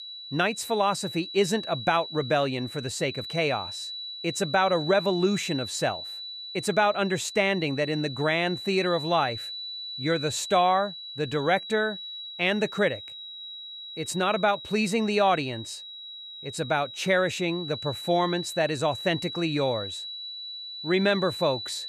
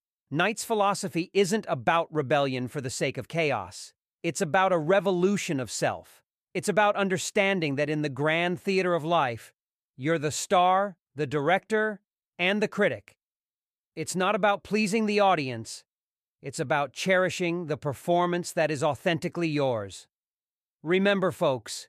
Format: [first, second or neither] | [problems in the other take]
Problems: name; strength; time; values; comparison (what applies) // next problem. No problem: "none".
second | high-pitched whine; loud; throughout; 4 kHz, 9 dB below the speech